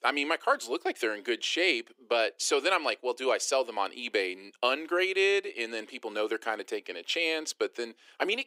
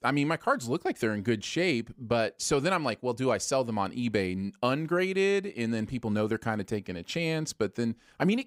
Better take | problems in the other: second | thin; very; fading below 350 Hz

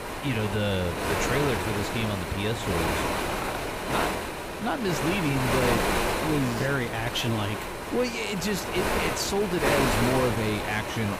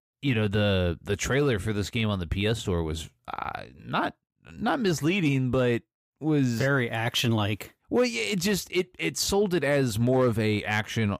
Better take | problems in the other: second | wind noise on the microphone; heavy; 2 dB above the speech

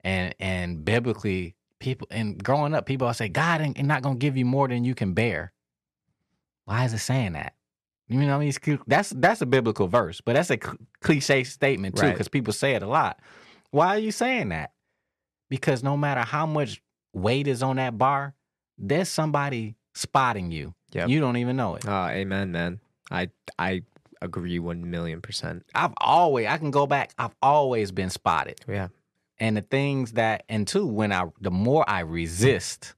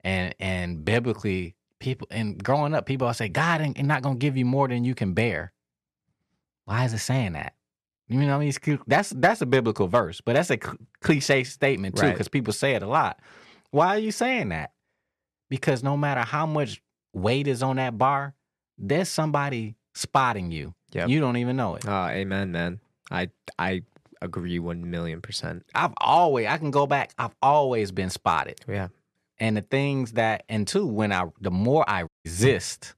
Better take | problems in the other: first | audio cutting out; at 32 s

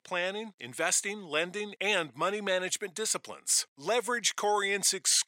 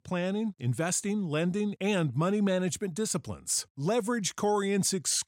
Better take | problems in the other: second | thin; very; fading below 550 Hz

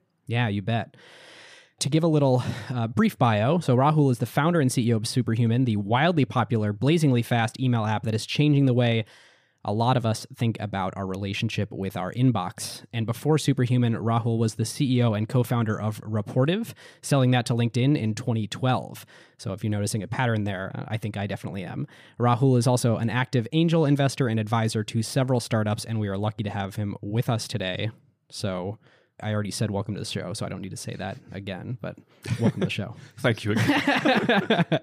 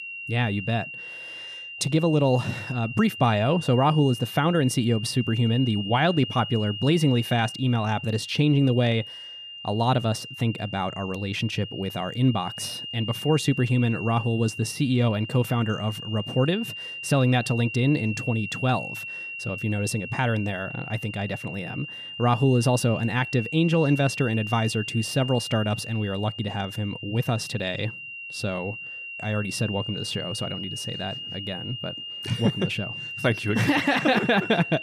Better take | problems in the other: first | high-pitched whine; loud; throughout; 3 kHz, 9 dB below the speech

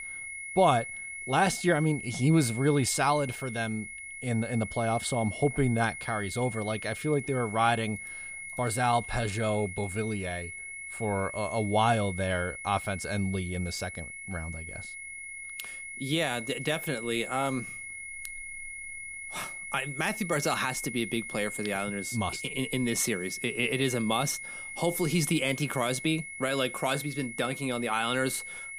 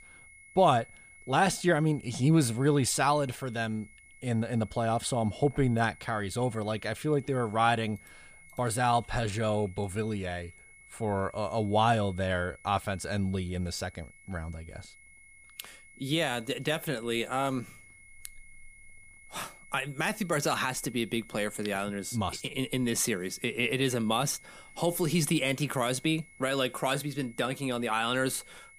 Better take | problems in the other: second | high-pitched whine; loud; throughout; 2 kHz, 9 dB below the speech; faint in the second

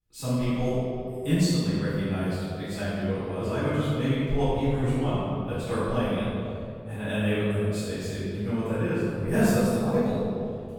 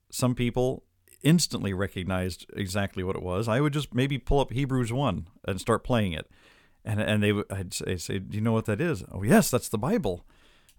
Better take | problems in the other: second | room echo; strong; dies away in 2.3 s // off-mic speech; far

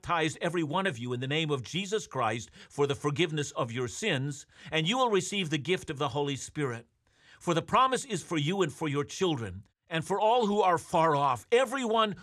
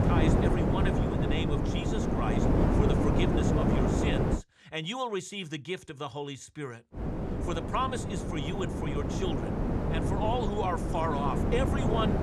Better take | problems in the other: first | wind noise on the microphone; heavy; until 4.5 s and from 7 s on; 1 dB above the speech

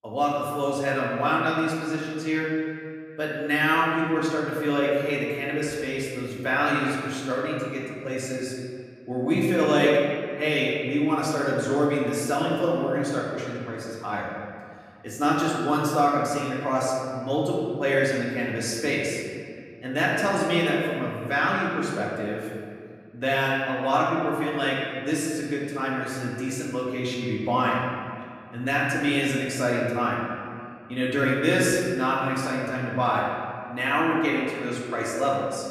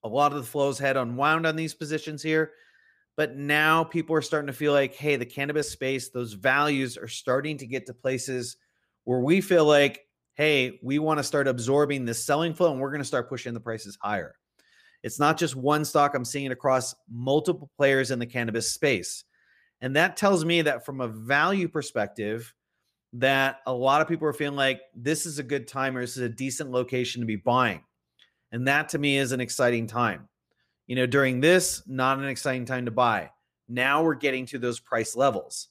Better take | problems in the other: second | room echo; noticeable; dies away in 1.9 s // off-mic speech; far

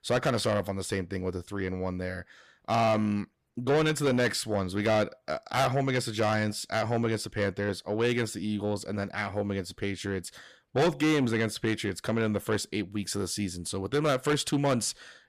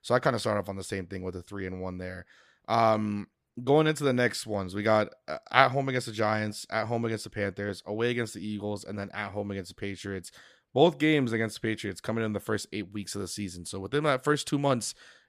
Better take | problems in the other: second | distortion; heavy; 7 dB below the speech

